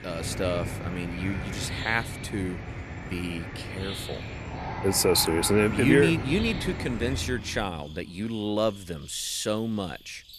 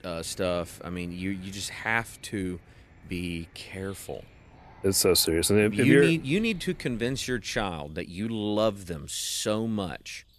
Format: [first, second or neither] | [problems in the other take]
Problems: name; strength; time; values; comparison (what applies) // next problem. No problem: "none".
second | animal sounds; loud; throughout; 7 dB below the speech; faint in the second